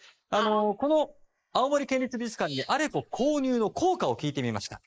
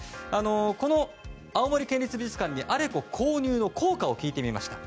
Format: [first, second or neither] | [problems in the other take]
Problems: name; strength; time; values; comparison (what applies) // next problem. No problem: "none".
second | noise reduction (neural mask model Resemble Enhance denoiser)